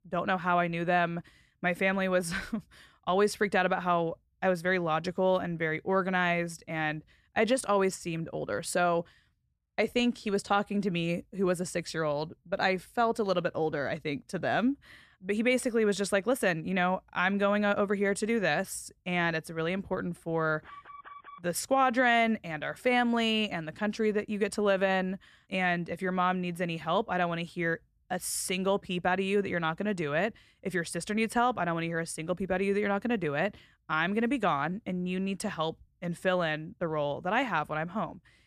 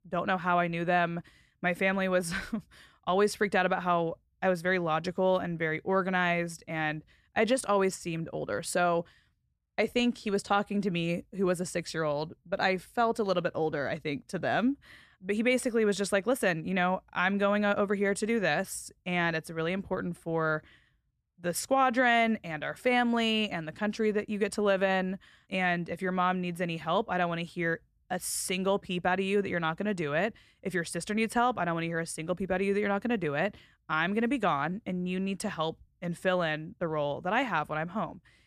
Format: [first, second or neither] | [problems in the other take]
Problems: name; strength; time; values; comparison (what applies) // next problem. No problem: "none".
second | alarm; faint; at 21 s; peak 20 dB below the speech